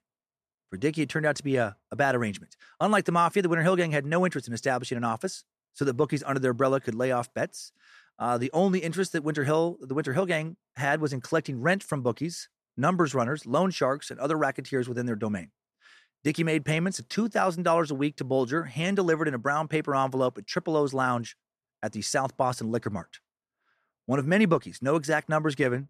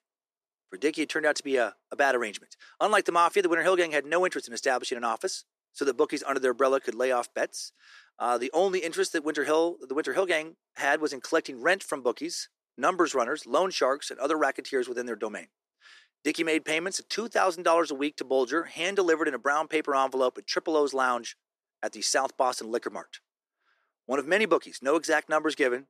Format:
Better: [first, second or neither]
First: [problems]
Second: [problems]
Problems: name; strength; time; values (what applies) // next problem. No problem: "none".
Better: first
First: none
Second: thin; somewhat; fading below 350 Hz